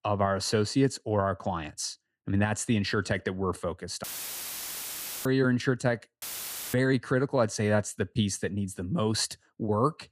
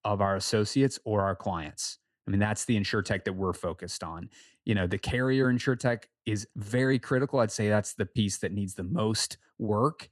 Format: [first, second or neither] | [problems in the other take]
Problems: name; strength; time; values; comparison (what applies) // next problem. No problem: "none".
second | audio cutting out; filled with static; at 4 s for 1 s and at 6 s for 0.5 s